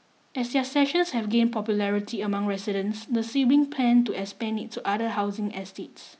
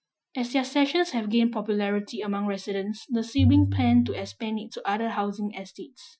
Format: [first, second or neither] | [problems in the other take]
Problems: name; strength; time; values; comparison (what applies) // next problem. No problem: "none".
first | noise reduction (classical method Wiener filter)